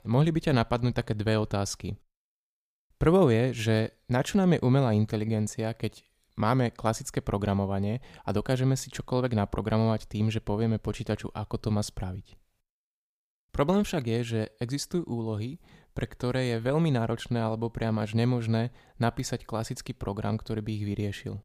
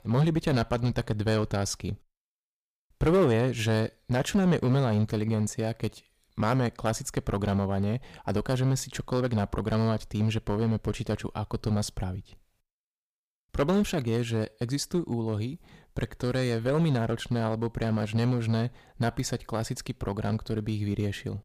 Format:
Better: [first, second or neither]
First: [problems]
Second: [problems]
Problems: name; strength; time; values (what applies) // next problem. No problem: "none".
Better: first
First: none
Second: distortion; slight; 4% of the sound clipped